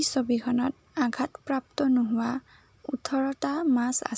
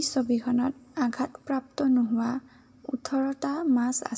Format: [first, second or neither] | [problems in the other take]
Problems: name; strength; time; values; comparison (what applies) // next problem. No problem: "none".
first | room echo; dies away in 1.1 s